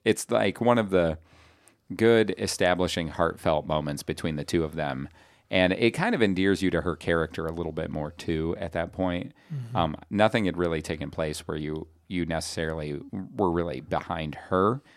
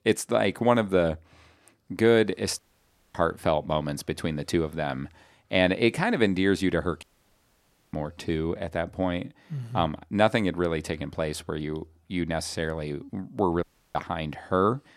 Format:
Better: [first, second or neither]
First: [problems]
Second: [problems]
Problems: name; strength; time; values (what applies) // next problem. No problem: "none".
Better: first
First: none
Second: audio cutting out; at 2.5 s for 0.5 s, at 7 s for 1 s and at 14 s